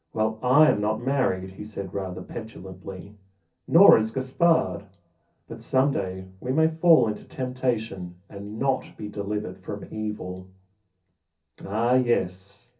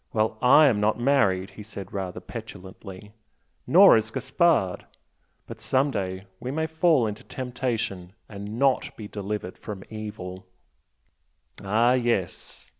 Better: second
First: room echo; dies away in 0.3 s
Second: none

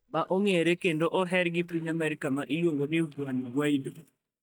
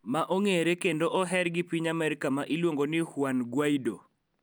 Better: second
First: noise reduction (neural mask model DeepFilterNet 3)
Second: none

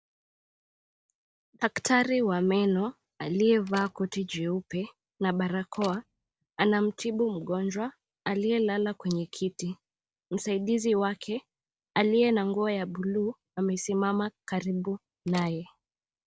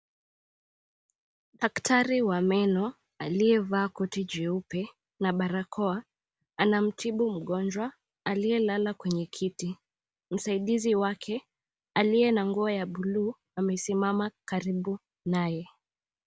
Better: second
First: noise reduction (neural separator model SepFormer DNS4)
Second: none

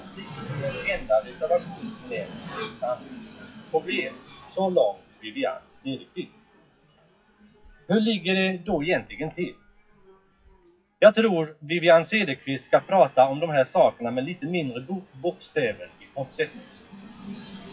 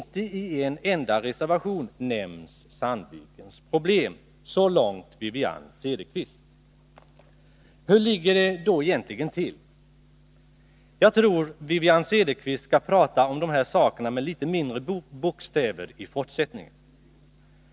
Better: second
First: noise reduction (classical method WPE with log-MMSE)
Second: none

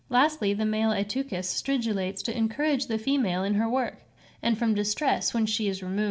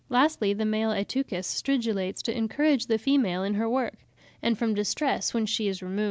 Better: second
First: room echo; dies away in 0.3 s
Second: none

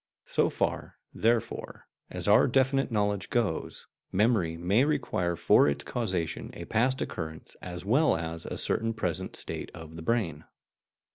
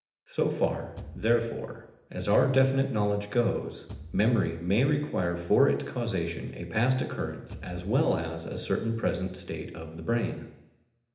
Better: first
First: none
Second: background sound (Bass drum / Thump, thud); 18 dB below the speech // room echo; dies away in 0.8 s

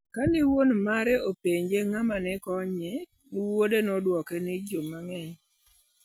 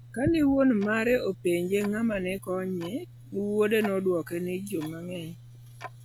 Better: first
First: none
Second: background sound (Tick-tock); 18 dB below the speech

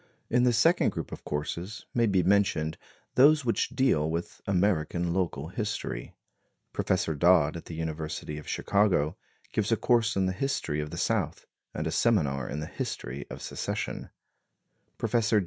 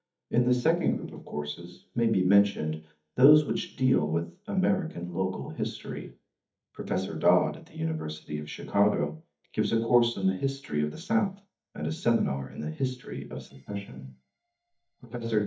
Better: first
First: none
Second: noise reduction (neural mask model DeepFilterNet 3)

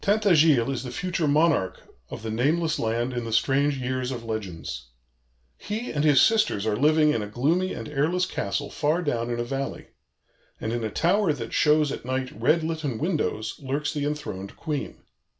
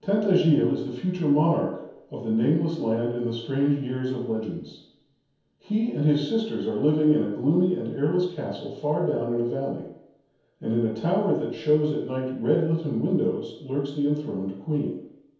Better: first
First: none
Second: room echo; dies away in 0.9 s

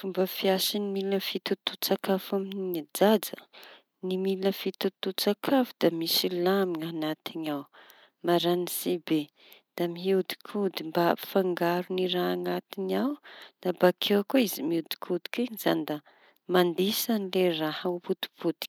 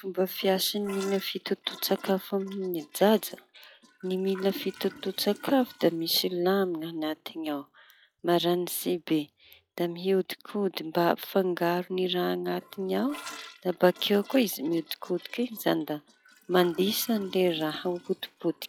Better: first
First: none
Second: noise reduction (classical method log-MMSE)

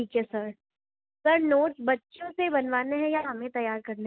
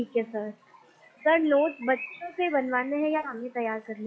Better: first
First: none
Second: noise reduction (classical method log-MMSE)

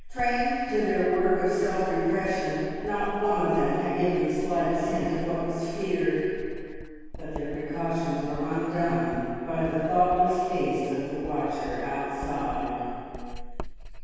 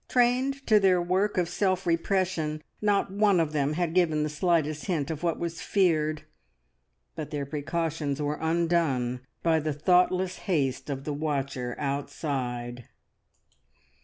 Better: second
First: background sound (Writing); 10 dB below the speech // room echo; dies away in 2.2 s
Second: none

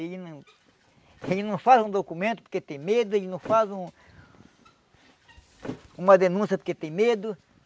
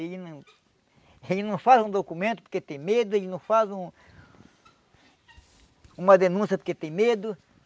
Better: second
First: background sound (Thump, thud); 20 dB below the speech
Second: none

